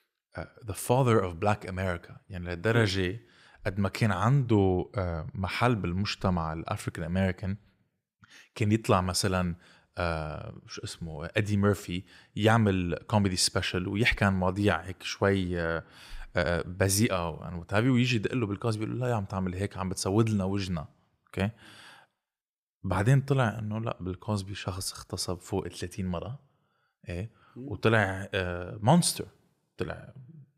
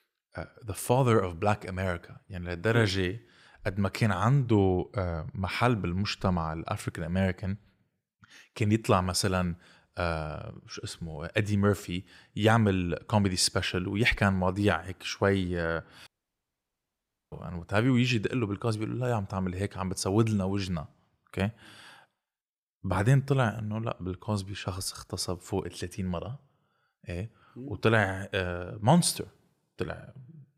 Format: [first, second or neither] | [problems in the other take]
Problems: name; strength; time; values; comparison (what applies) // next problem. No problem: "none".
first | audio cutting out; at 16 s for 1.5 s